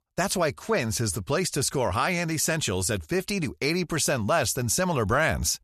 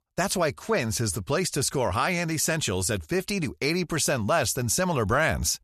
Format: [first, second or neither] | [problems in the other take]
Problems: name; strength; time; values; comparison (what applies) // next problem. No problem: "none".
neither | none